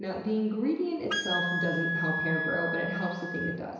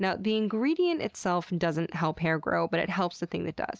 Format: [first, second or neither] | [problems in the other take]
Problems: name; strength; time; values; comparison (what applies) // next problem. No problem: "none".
second | background sound (Wind instrument, woodwind instrument); 2 dB below the speech // room echo; dies away in 1 s